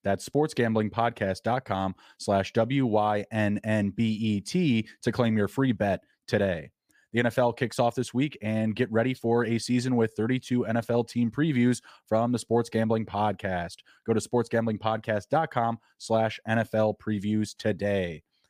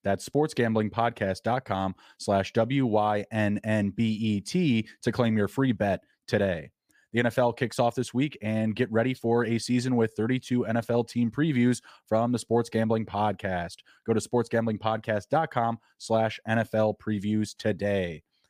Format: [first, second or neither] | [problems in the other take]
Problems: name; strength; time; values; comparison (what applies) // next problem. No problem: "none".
neither | none